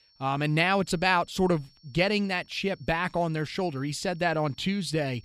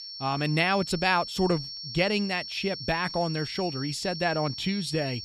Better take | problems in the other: first | high-pitched whine; loud; throughout; 5.5 kHz, 8 dB below the speech; faint in the first

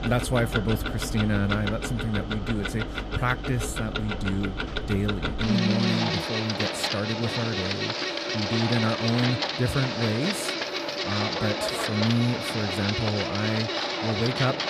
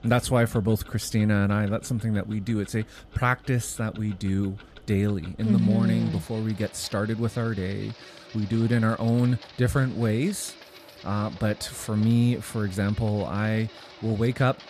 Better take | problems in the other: second | household noises; loud; throughout; 1 dB below the speech; faint in the second

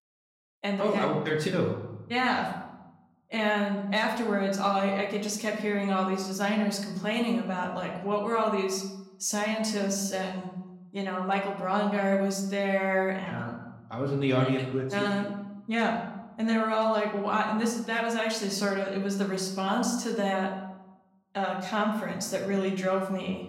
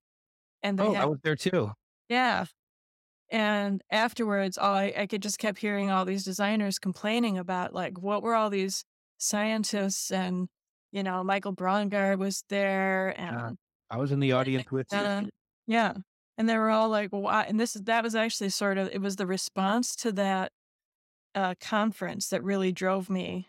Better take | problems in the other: second | room echo; slight; dies away in 0.8 s // off-mic speech; somewhat distant

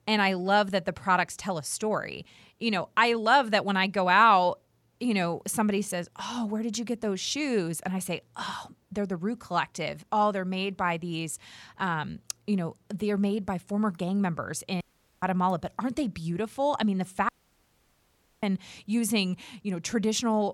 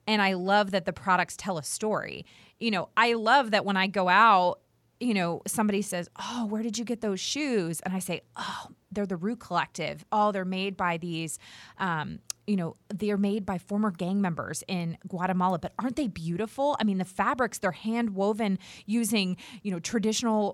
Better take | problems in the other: second | audio cutting out; at 15 s and at 17 s for 1 s

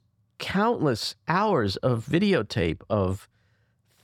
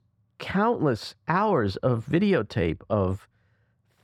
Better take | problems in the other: first | muffled; very slightly; fading above 3 kHz

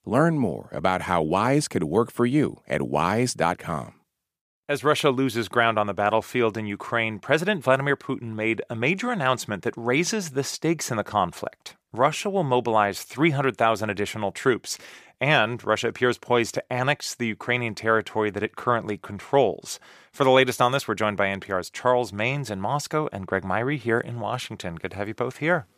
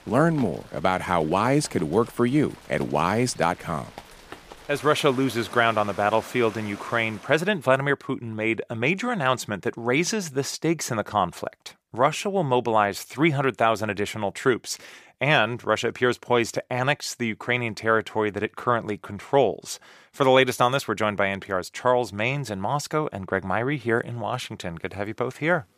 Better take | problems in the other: first | rain or running water; noticeable; until 7.5 s; 20 dB below the speech

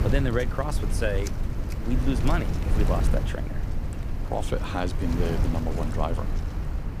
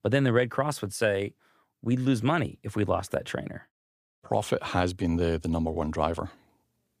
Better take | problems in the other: second | wind noise on the microphone; heavy; 7 dB below the speech

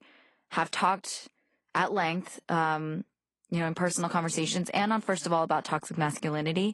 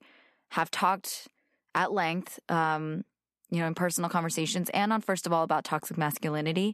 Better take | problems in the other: second | garbled, watery; slightly; nothing above 11 kHz

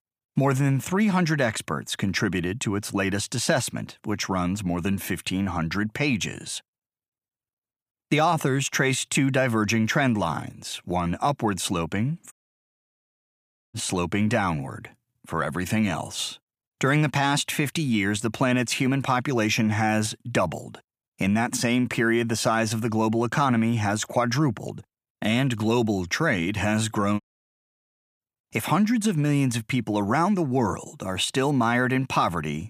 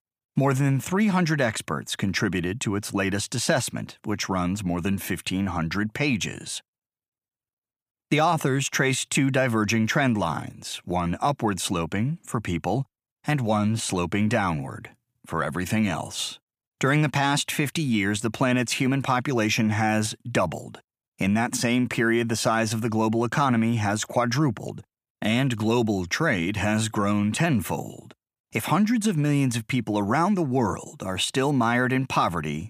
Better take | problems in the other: second | audio cutting out; at 12 s for 1.5 s and at 27 s for 1 s

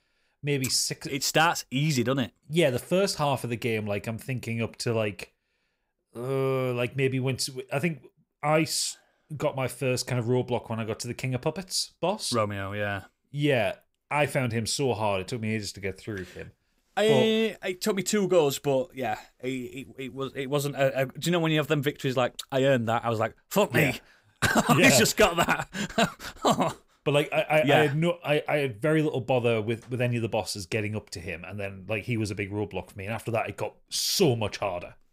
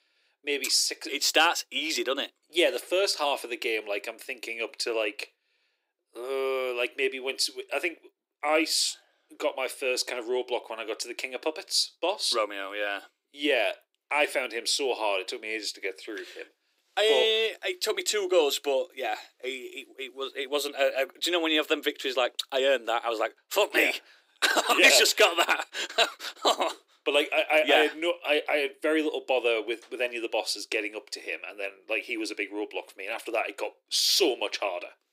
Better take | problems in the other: first | thin; very; fading below 300 Hz

